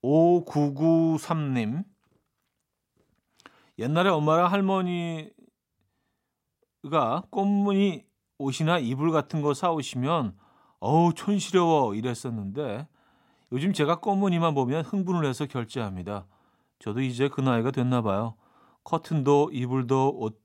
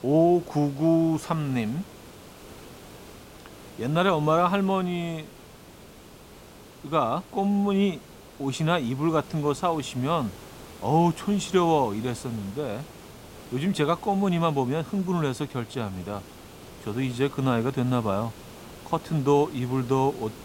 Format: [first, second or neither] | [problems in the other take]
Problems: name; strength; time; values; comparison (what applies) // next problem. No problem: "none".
first | hiss; noticeable; throughout; 20 dB below the speech